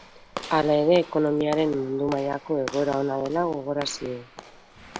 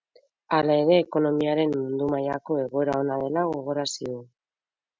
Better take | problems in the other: second | background sound (Walk, footsteps / Slam); 16 dB below the speech

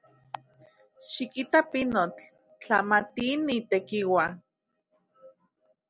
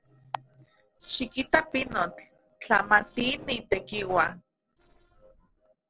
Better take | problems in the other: first | noise reduction (neural separator model SepFormer DNS4)

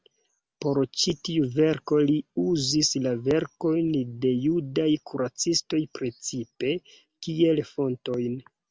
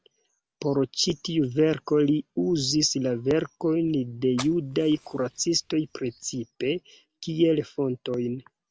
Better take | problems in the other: first | background sound (Fire); 19 dB below the speech

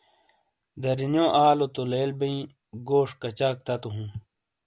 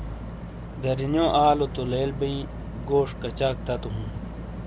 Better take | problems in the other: first | background sound (Boat, Water vehicle); 8 dB below the speech

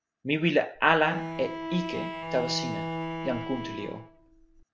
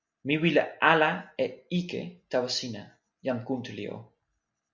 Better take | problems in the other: second | background sound (Bowed string instrument); 6 dB below the speech

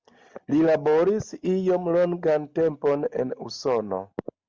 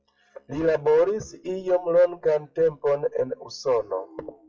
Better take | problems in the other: first | noise reduction (classical method WPE with log-MMSE)

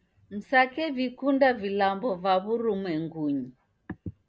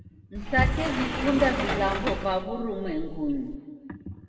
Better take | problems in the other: first | background sound (Sliding door); 1 dB below the speech // room echo; dies away in 1.7 s

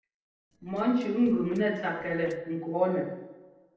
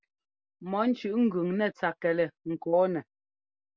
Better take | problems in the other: second | noise reduction (neural separator model SepFormer DNS4)

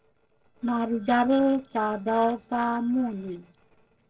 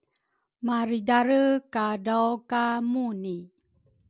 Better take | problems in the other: second | noise reduction (neural separator model SepFormer DNS4)

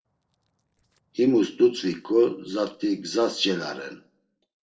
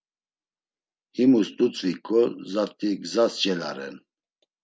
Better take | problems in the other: second | noise reduction (neural separator model SepFormer DNS4)

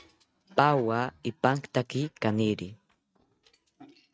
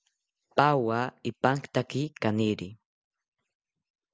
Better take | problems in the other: second | noise reduction (neural mask model RNNoise)

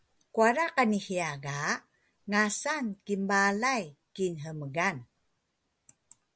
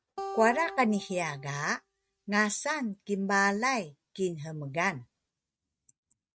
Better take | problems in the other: first | noise reduction (neural mask model RNNoise)

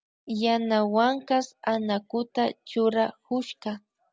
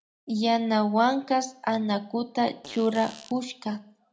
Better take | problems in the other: first | background sound (Fart); 18 dB below the speech // room echo; dies away in 0.3 s

